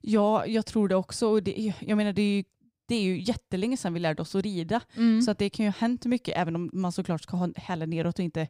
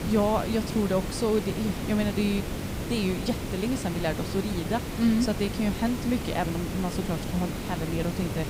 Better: first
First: none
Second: hiss; loud; throughout; 5 dB below the speech

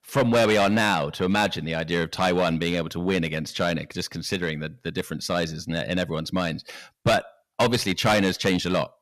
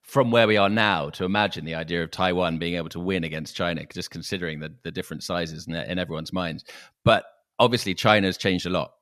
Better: second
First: distortion; heavy; 6% of the sound clipped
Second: none

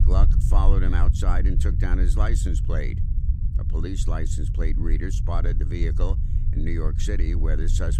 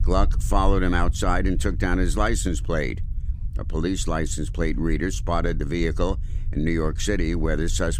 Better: second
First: low rumble; loud; throughout; 8 dB below the speech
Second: low rumble; faint; throughout; 20 dB below the speech

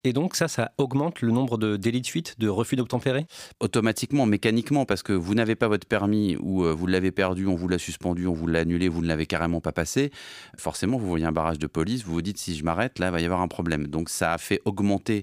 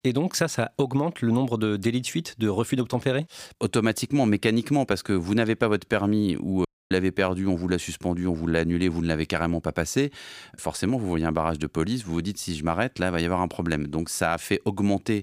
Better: first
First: none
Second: audio cutting out; at 6.5 s

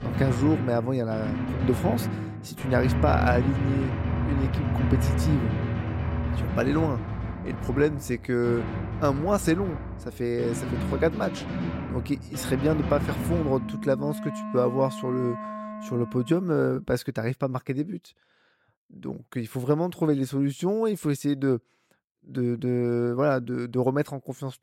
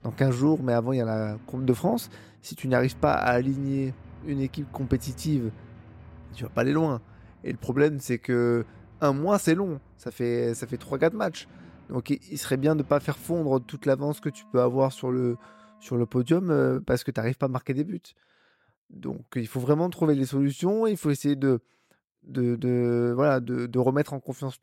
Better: second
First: background music; loud; until 16 s; 3 dB below the speech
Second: background music; faint; until 16 s; 25 dB below the speech

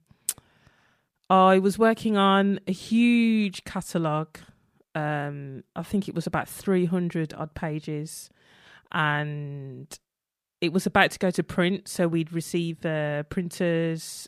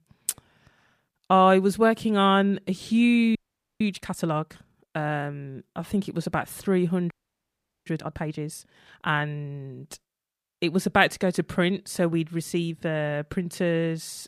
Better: first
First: none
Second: audio freezing; at 3.5 s and at 7 s for 1 s

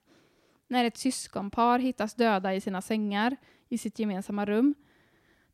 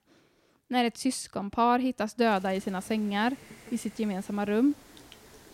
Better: first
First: none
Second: hiss; faint; from 2.5 s on; 20 dB below the speech

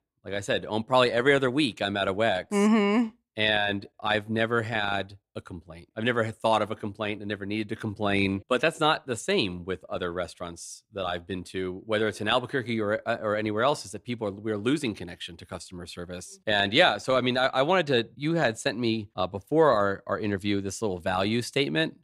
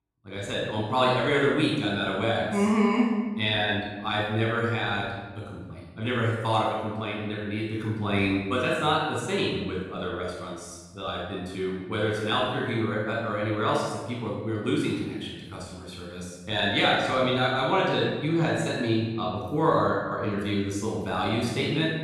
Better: first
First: none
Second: off-mic speech; far // room echo; noticeable; dies away in 1.2 s

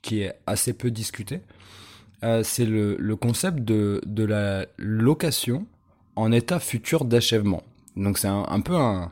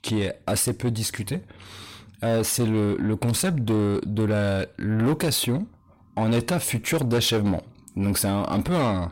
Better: first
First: none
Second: distortion; slight; 10 dB below the speech

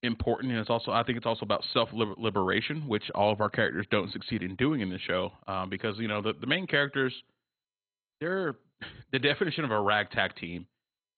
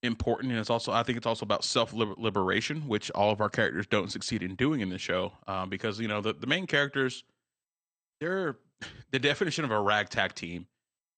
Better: second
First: garbled, watery; badly; nothing above 4 kHz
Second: garbled, watery; slightly; nothing above 8.5 kHz

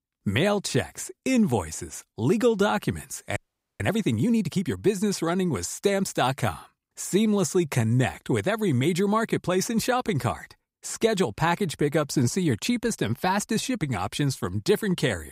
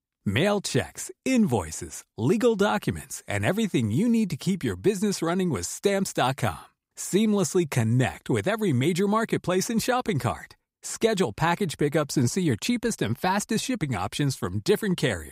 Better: second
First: audio freezing; at 3.5 s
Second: none

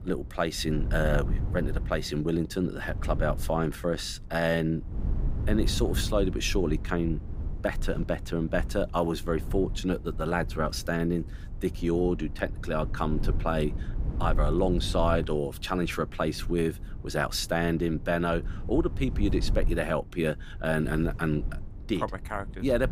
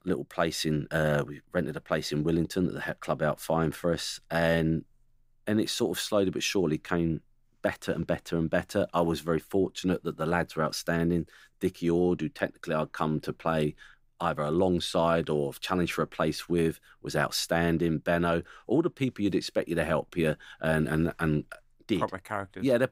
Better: second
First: low rumble; noticeable; throughout; 20 dB below the speech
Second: none

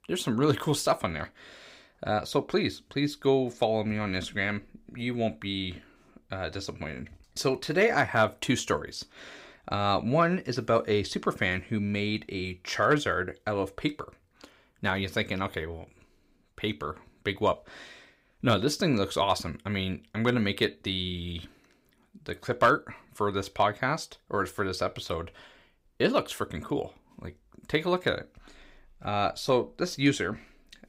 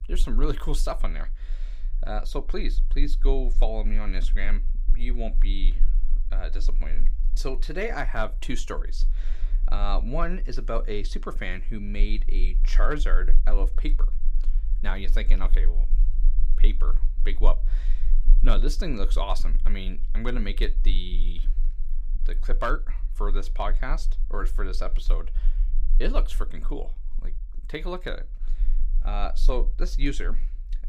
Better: first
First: none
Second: low rumble; faint; throughout; 25 dB below the speech

